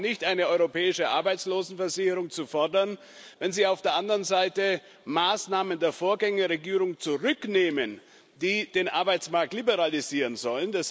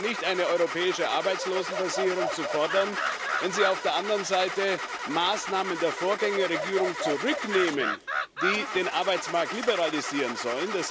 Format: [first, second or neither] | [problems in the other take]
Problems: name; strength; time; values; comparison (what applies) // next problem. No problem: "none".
first | background sound (Engine starting / Car + Animal); 4 dB below the speech